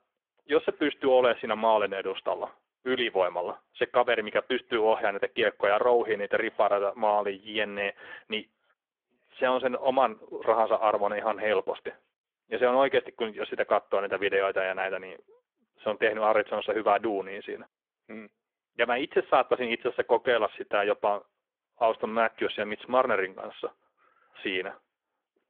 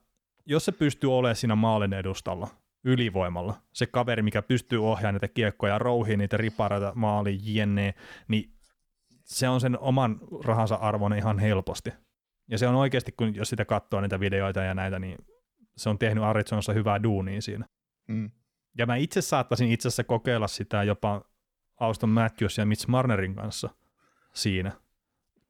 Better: second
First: phone-call audio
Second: none

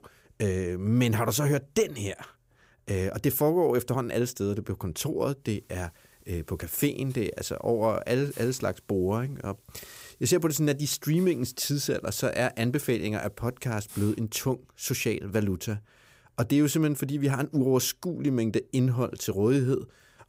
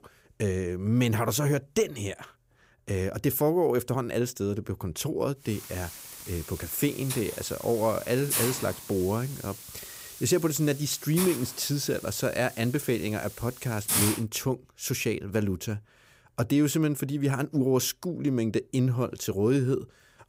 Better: first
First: hiss; faint; from 5.5 to 14 s; 25 dB below the speech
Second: hiss; loud; from 5.5 to 14 s; 6 dB below the speech

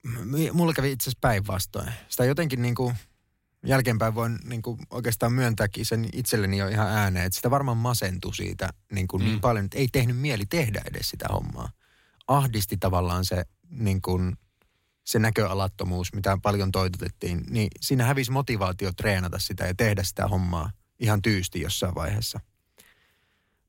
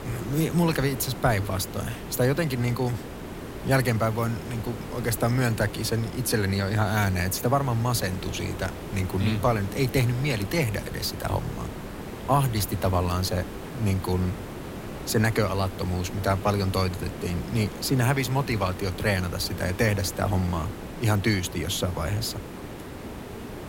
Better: first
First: none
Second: hiss; noticeable; throughout; 10 dB below the speech

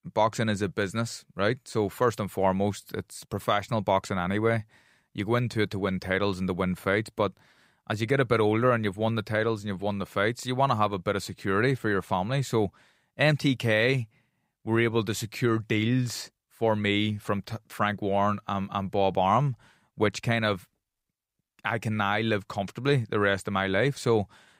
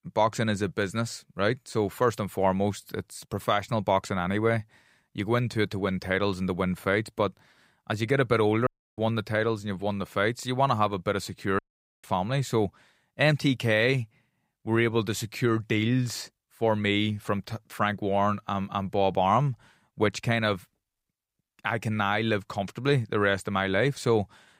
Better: first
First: none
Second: audio cutting out; at 8.5 s and at 12 s

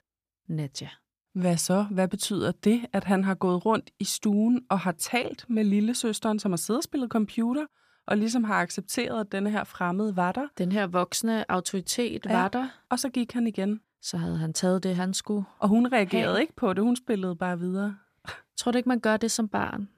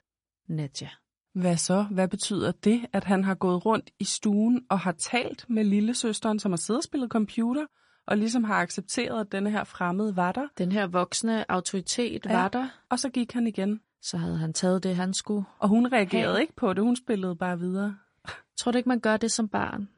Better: first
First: none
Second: garbled, watery; slightly; nothing above 10.5 kHz

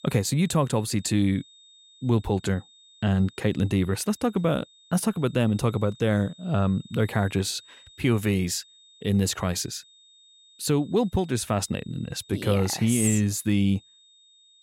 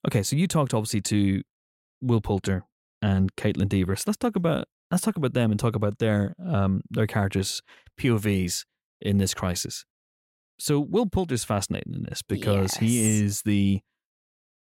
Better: second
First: high-pitched whine; faint; throughout; 3.5 kHz, 25 dB below the speech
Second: none

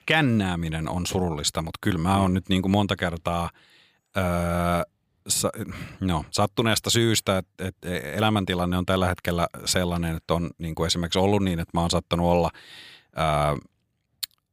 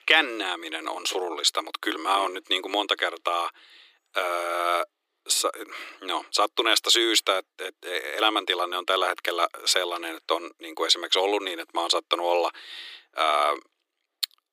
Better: first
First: none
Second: thin; very; fading below 300 Hz

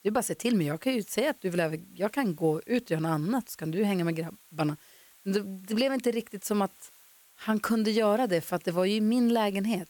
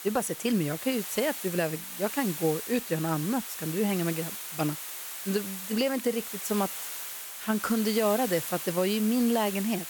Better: first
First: hiss; faint; throughout; 25 dB below the speech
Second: hiss; loud; throughout; 6 dB below the speech

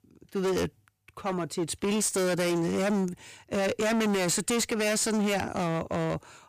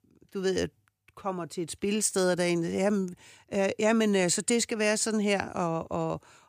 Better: second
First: distortion; heavy; 25% of the sound clipped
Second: none

